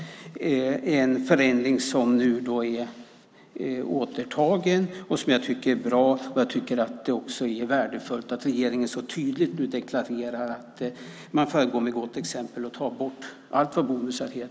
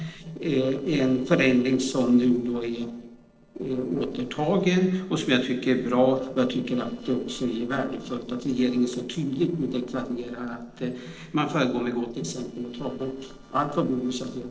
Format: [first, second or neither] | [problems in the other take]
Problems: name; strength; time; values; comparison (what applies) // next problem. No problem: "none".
first | noise reduction (neural separator model SepFormer DNS4)